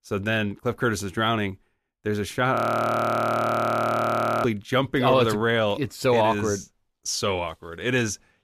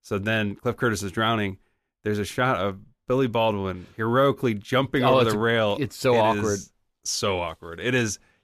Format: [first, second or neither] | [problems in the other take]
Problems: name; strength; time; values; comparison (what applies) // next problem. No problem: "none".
second | audio freezing; at 2.5 s for 2 s